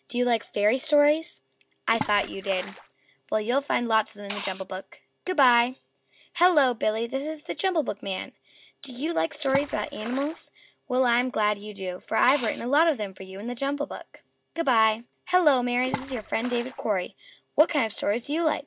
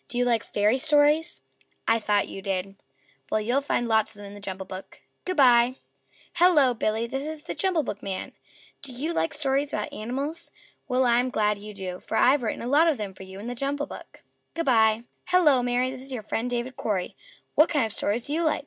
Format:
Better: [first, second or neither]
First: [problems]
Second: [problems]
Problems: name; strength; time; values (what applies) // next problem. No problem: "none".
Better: second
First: background sound (Water / Splash, splatter + Liquid); 11 dB below the speech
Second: none